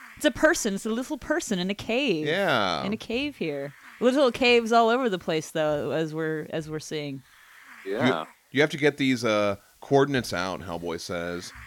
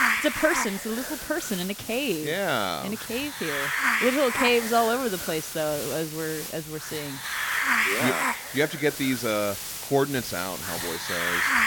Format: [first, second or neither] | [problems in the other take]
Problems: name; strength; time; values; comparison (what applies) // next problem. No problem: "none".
first | hiss; loud; throughout; 1 dB below the speech; faint in the first